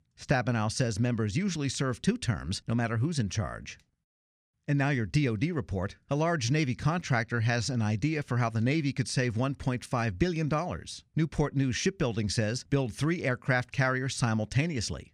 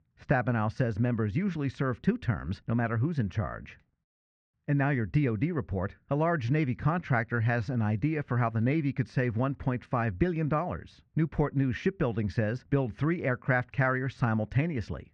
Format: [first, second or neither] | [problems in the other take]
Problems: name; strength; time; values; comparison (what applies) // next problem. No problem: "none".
first | muffled; very; fading above 1.5 kHz